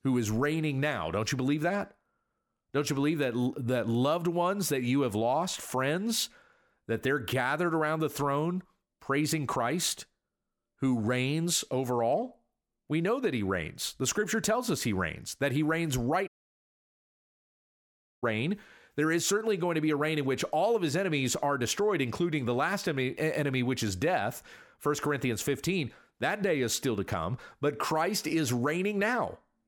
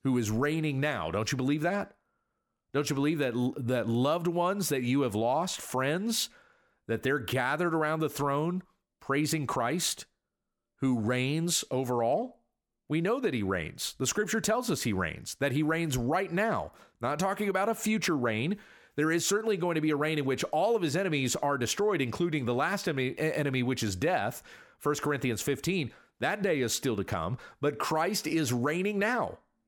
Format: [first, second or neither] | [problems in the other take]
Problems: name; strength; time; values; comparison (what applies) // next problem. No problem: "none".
second | audio cutting out; at 16 s for 2 s